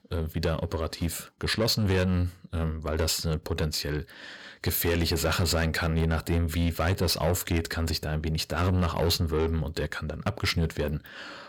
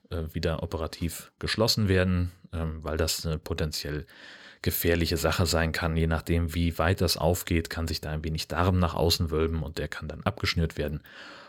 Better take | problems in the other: second | distortion; slight; 10 dB below the speech

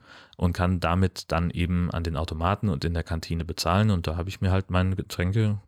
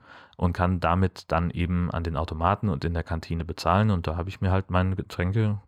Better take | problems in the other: first | muffled; slightly; fading above 3.5 kHz

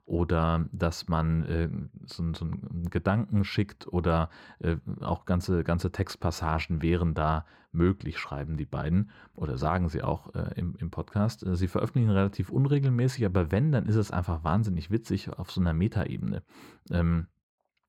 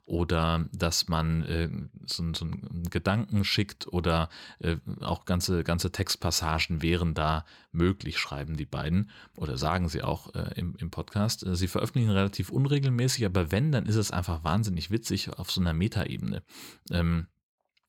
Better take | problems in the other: second | muffled; slightly; fading above 2.5 kHz

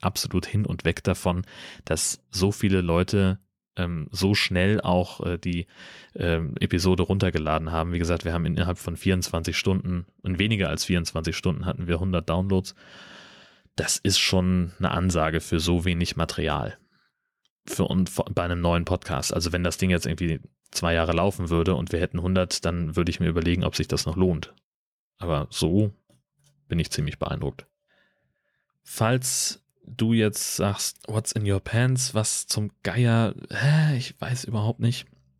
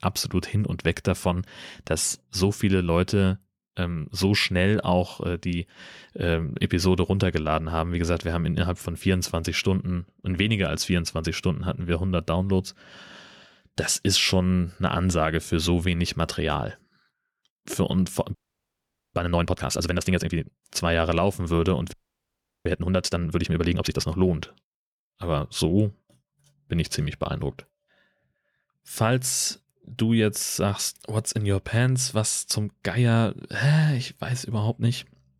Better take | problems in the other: first | audio freezing; at 18 s for 1 s and at 22 s for 0.5 s

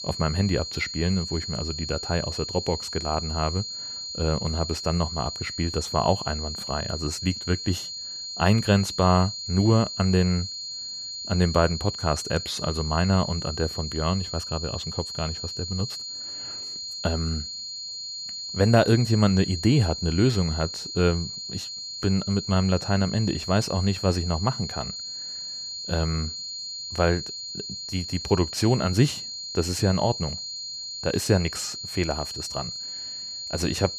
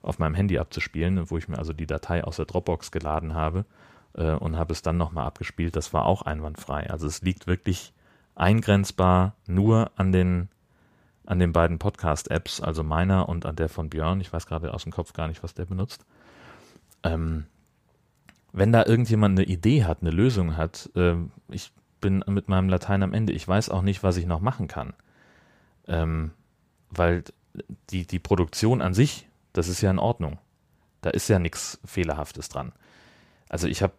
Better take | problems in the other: second | high-pitched whine; loud; throughout; 4 kHz, 6 dB below the speech

